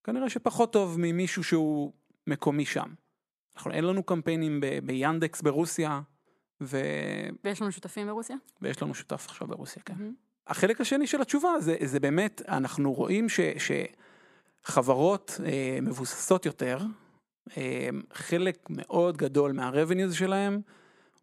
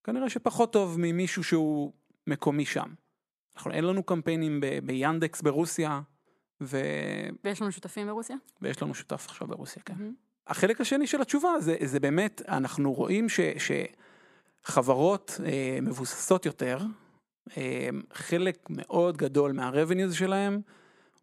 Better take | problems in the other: neither | none

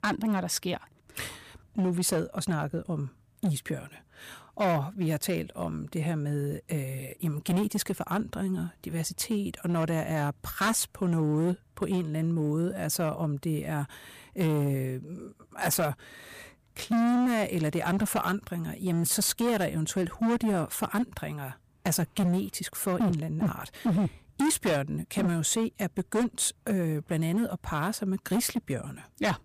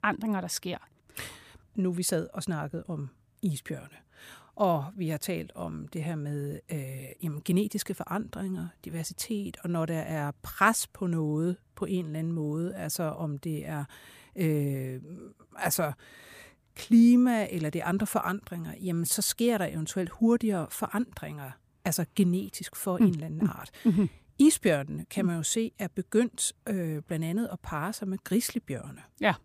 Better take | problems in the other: second | distortion; heavy; 10% of the sound clipped

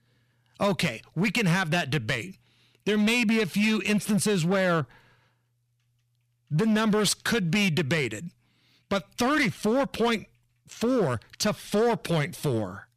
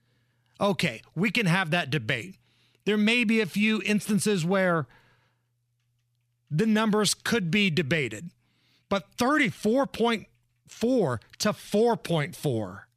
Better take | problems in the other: second | distortion; slight; 10% of the sound clipped

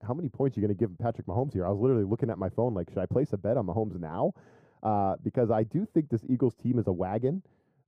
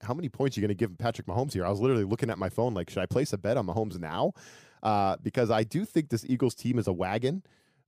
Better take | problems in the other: second | muffled; very; fading above 1.5 kHz

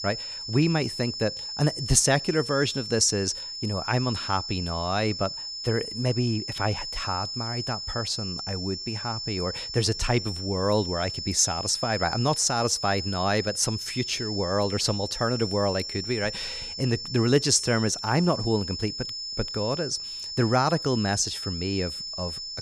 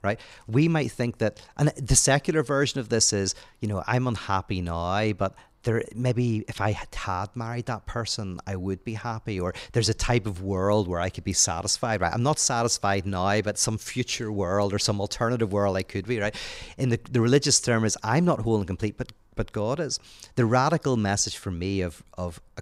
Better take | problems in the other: second | high-pitched whine; loud; throughout; 5 kHz, 6 dB below the speech

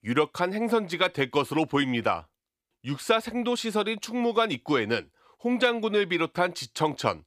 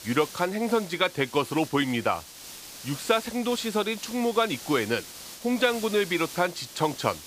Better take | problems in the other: first | hiss; noticeable; throughout; 15 dB below the speech

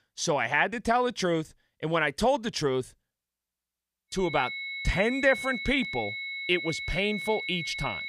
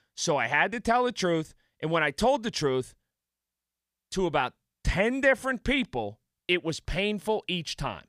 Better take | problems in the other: second | high-pitched whine; loud; from 4.5 s on; 2 kHz, 6 dB below the speech

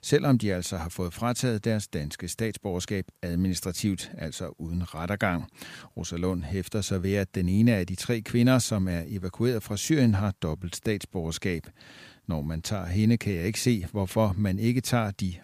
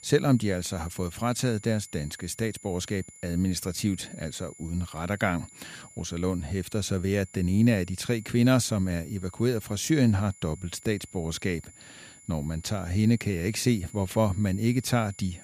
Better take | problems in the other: first | high-pitched whine; faint; throughout; 7 kHz, 20 dB below the speech

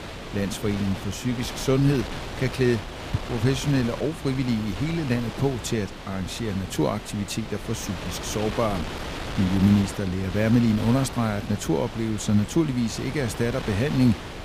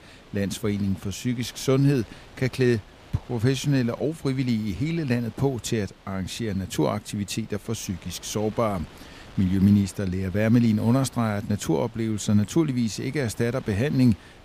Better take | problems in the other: second | wind noise on the microphone; heavy; 6 dB below the speech; occasional gusts in the second

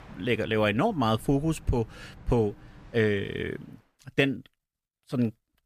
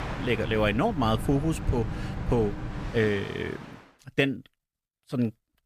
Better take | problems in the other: first | train or aircraft noise; loud; until 3.5 s; 8 dB below the speech; faint in the first

